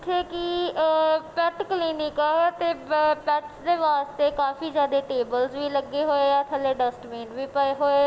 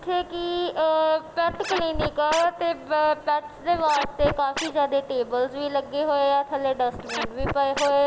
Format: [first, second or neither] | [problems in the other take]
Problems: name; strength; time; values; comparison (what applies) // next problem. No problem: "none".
first | background sound (Scratching (performance technique)); 7 dB below the speech